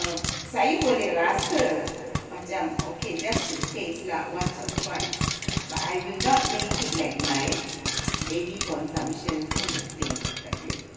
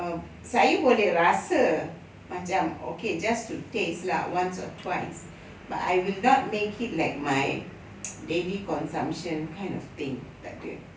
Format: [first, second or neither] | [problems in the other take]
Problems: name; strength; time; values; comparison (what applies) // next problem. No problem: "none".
second | background sound (Frying (food)); 3 dB below the speech // room echo; dies away in 2.5 s